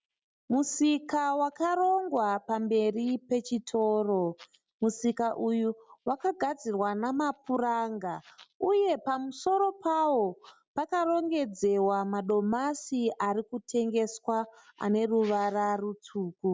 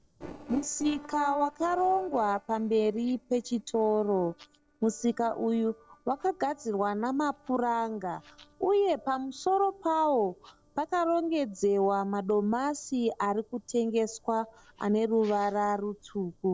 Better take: first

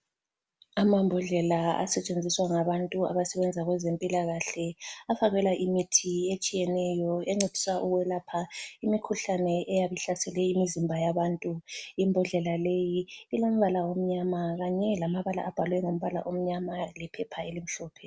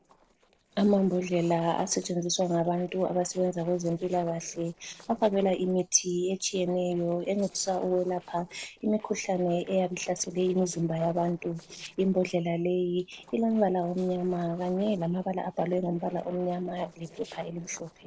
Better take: first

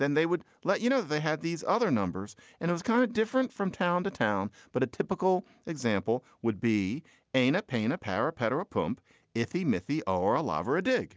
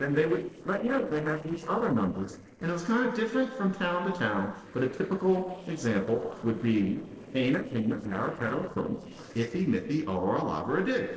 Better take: first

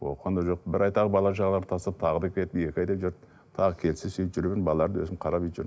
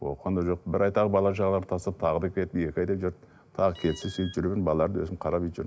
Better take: first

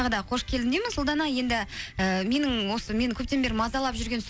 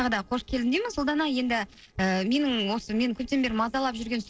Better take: first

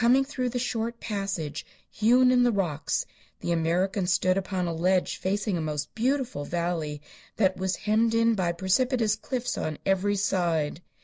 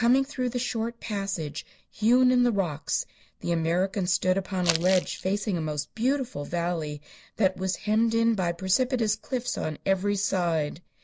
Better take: first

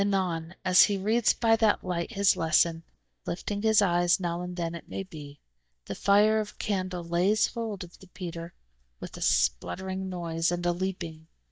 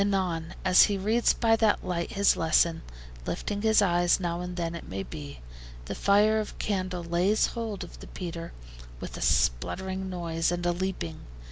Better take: second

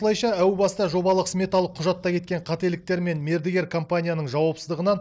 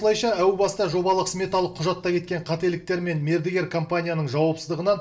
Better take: first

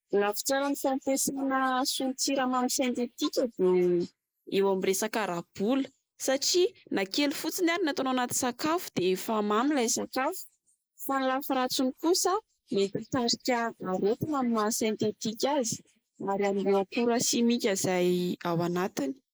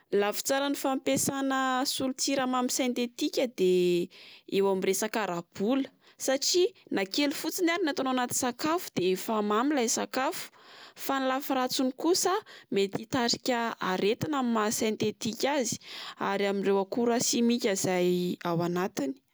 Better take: second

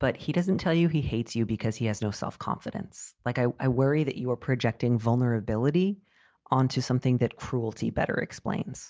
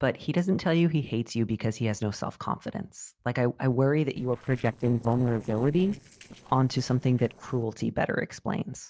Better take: first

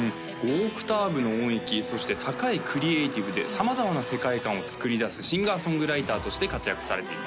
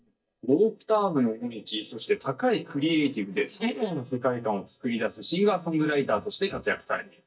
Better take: first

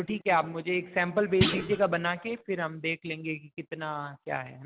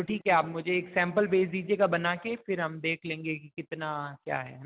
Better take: second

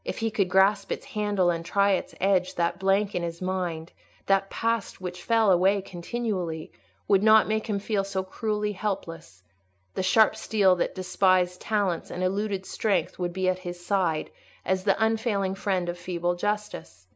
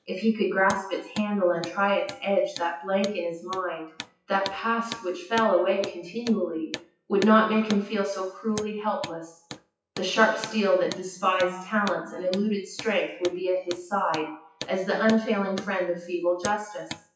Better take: first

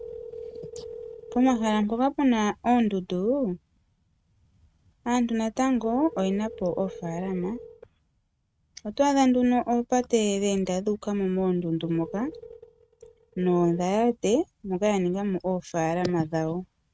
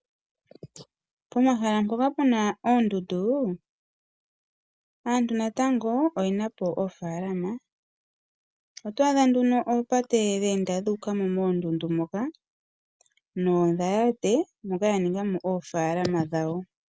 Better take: second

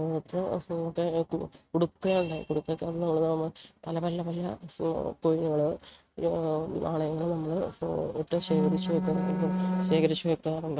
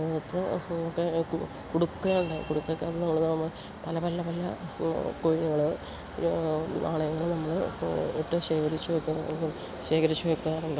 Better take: second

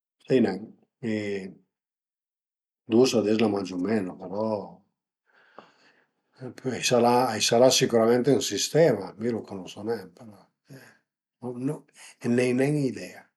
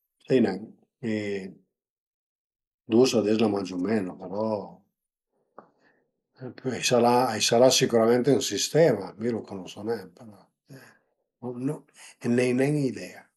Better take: first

